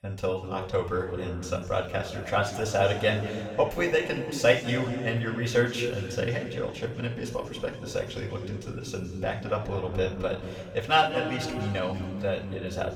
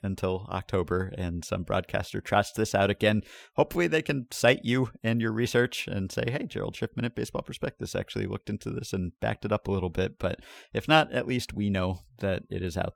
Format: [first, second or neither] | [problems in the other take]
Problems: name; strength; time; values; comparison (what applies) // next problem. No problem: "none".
second | room echo; noticeable; dies away in 2.3 s // off-mic speech; far